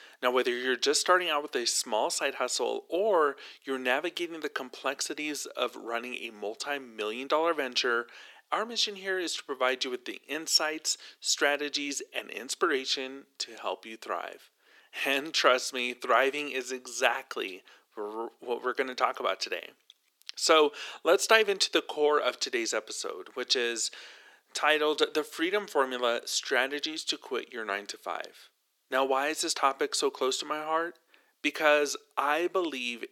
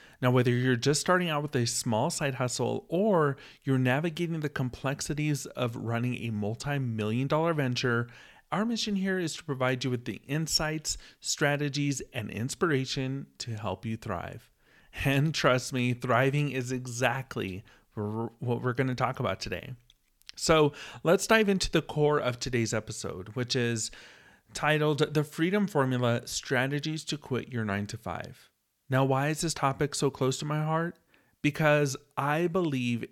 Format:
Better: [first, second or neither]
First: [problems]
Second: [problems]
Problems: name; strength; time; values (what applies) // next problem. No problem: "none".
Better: second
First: thin; very; fading below 350 Hz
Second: none